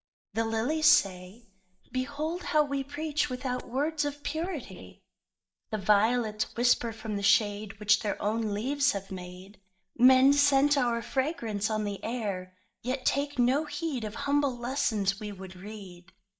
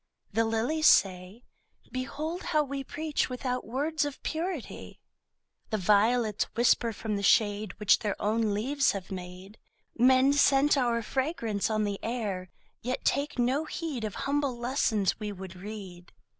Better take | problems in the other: second | noise reduction (neural mask model DeepFilterNet 3)

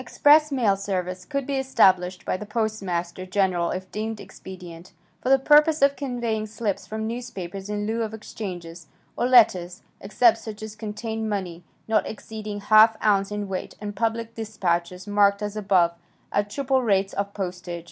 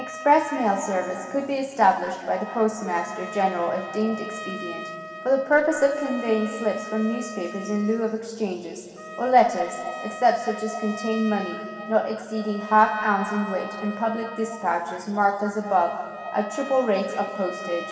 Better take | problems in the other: first | background sound (Trumpet); 13 dB below the speech // room echo; dies away in 2.4 s

